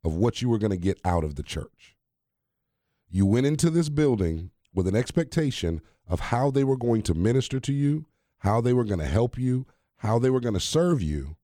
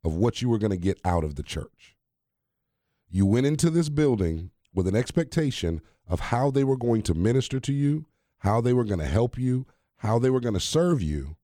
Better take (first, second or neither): neither